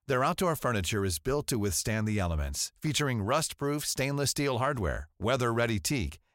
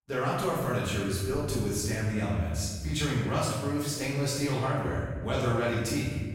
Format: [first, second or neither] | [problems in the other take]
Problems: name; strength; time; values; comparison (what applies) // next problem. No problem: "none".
first | off-mic speech; far // room echo; strong; dies away in 1.6 s